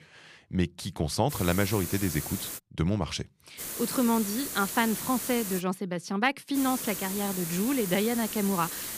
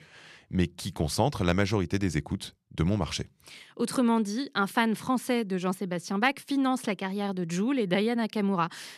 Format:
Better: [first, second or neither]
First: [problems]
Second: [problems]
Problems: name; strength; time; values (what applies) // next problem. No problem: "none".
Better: second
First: hiss; loud; from 1.5 to 2.5 s, from 3.5 to 5.5 s and from 6.5 s on; 5 dB below the speech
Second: none